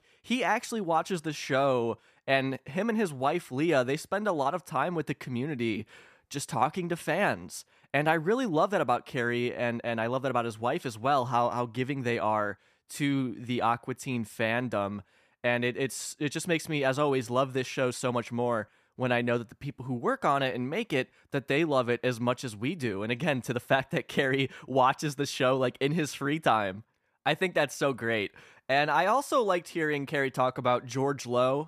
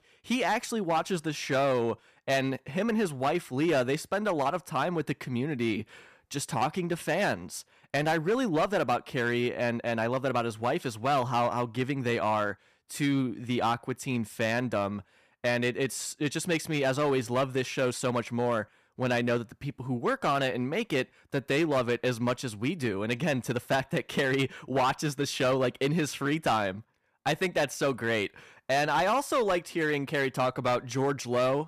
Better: first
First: none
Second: distortion; slight; 7% of the sound clipped

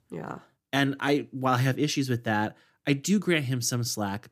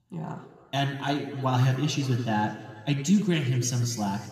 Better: first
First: none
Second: room echo; slight; dies away in 2 s

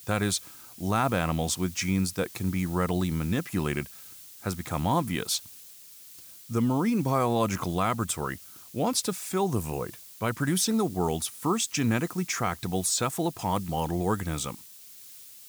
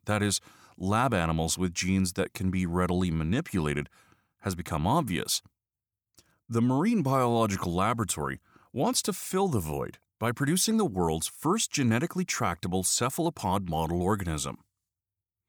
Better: second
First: hiss; noticeable; throughout; 15 dB below the speech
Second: none

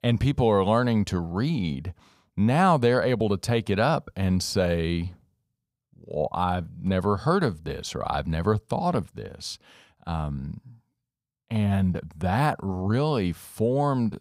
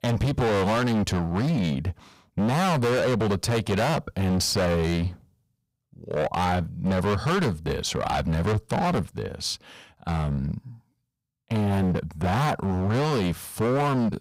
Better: first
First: none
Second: distortion; heavy; 25% of the sound clipped

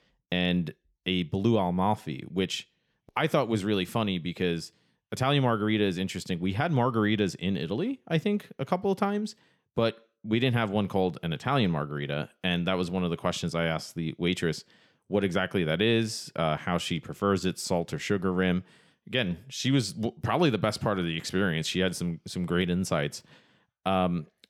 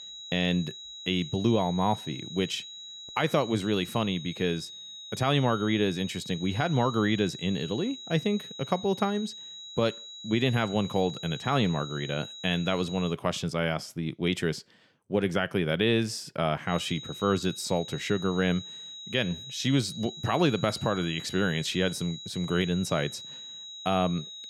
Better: first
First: none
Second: high-pitched whine; noticeable; until 13 s and from 17 s on; 4 kHz, 10 dB below the speech

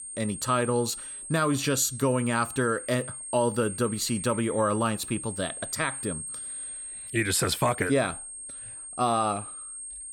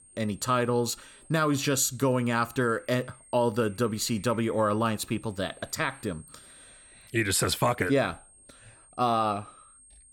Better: second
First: high-pitched whine; loud; throughout; 8.5 kHz, 9 dB below the speech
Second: high-pitched whine; faint; throughout; 8.5 kHz, 25 dB below the speech

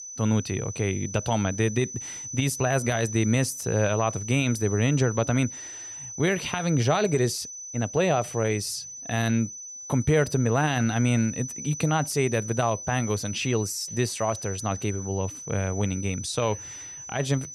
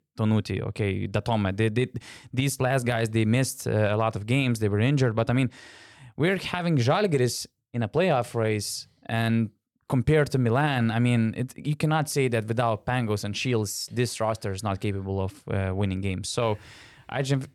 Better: second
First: high-pitched whine; loud; throughout; 6 kHz, 9 dB below the speech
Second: none

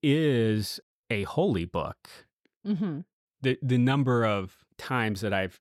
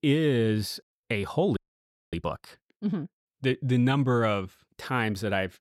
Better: first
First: none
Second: audio freezing; at 1.5 s for 0.5 s

